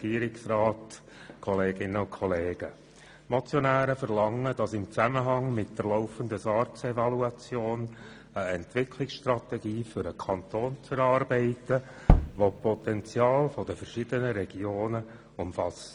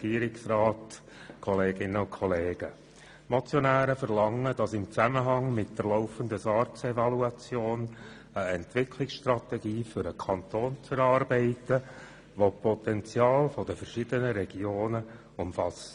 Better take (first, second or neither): second